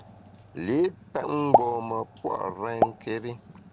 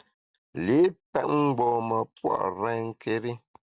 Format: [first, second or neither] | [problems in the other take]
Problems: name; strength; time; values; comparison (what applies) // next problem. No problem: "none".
second | background sound (Explosion); as loud as the speech